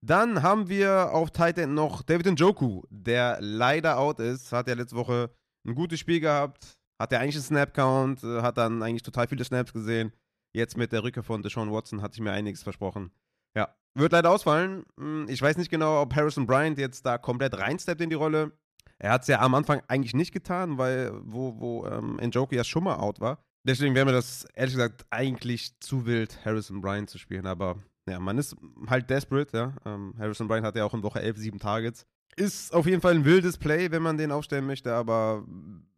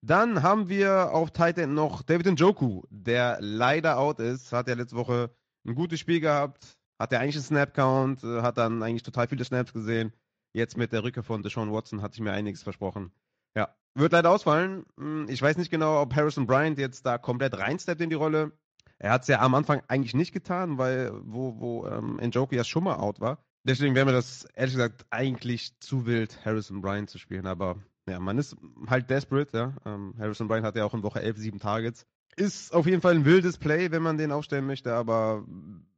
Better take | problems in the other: first | garbled, watery; slightly

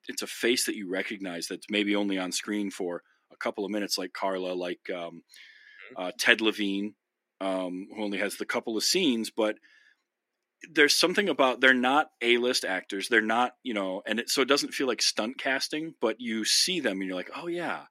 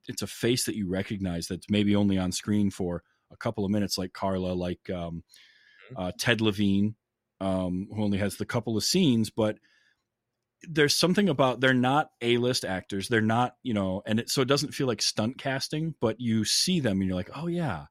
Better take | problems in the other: second | thin; somewhat; fading below 300 Hz

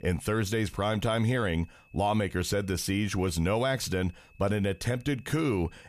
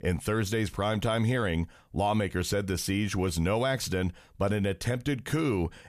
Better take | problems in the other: second | high-pitched whine; faint; throughout; 2.5 kHz, 30 dB below the speech

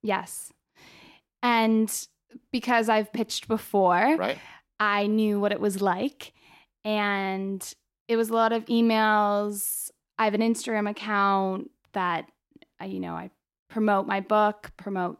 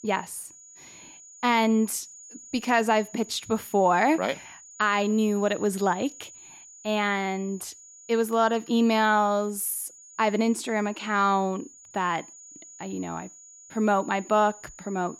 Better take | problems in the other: first | high-pitched whine; noticeable; throughout; 7 kHz, 20 dB below the speech

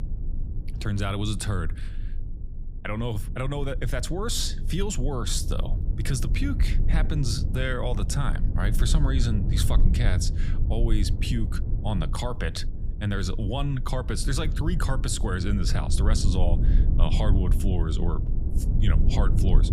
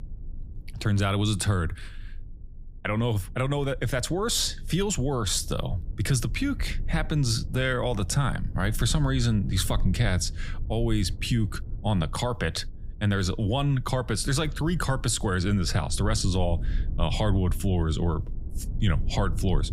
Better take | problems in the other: second | low rumble; loud; throughout; 10 dB below the speech; faint in the second

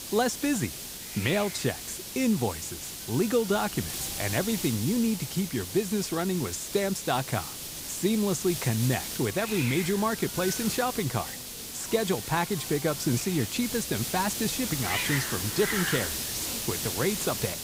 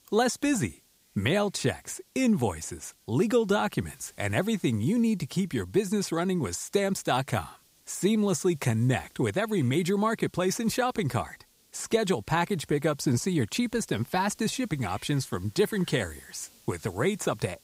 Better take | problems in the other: second | hiss; loud; throughout; 4 dB below the speech; faint in the second

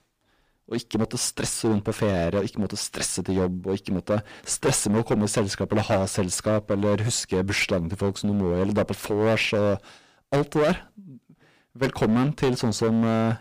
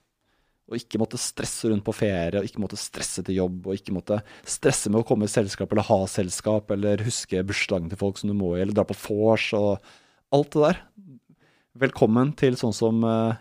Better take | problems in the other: second | distortion; heavy; 10% of the sound clipped

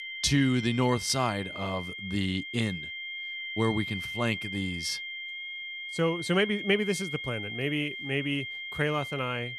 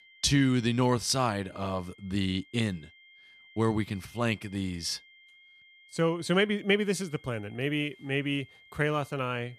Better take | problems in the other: second | high-pitched whine; loud; throughout; 2 kHz, 6 dB below the speech; faint in the second

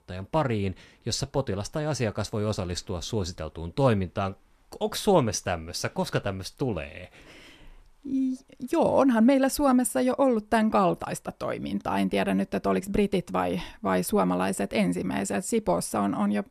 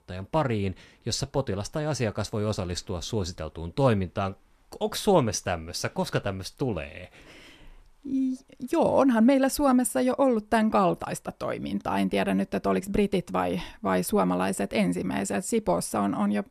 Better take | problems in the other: neither | none

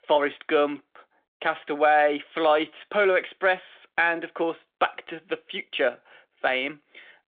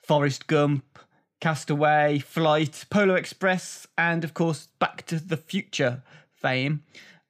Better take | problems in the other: second | phone-call audio

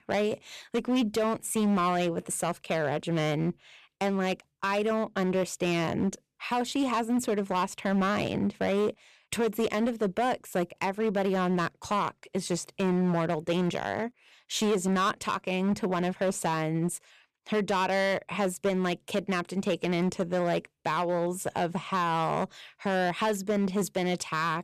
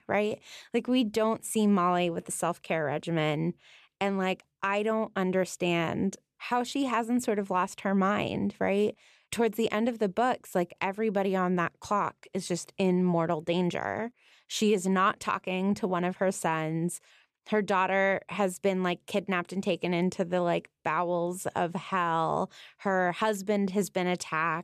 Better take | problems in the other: second | distortion; slight; 10% of the sound clipped

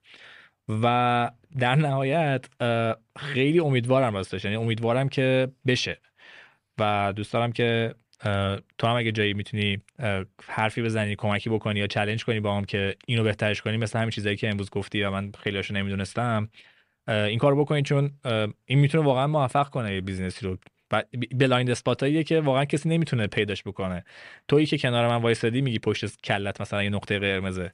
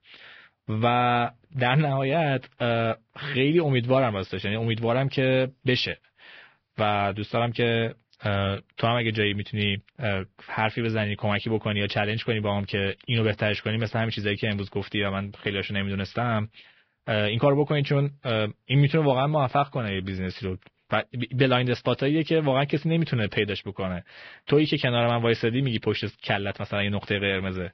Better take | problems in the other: first | garbled, watery; badly; nothing above 5.5 kHz

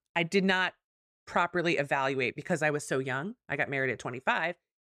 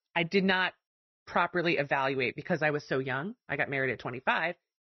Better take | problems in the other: first | garbled, watery; slightly; nothing above 6 kHz

